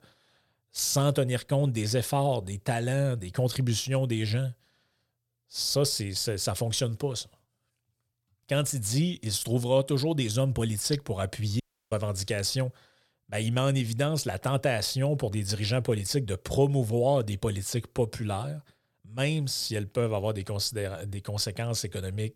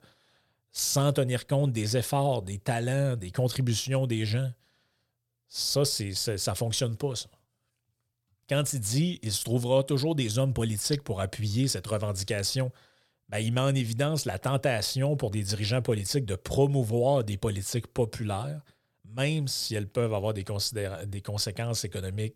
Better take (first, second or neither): second